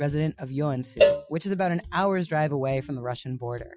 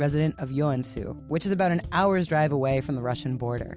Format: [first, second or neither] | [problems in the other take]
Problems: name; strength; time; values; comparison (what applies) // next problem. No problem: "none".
second | noise reduction (classical method Wiener filter)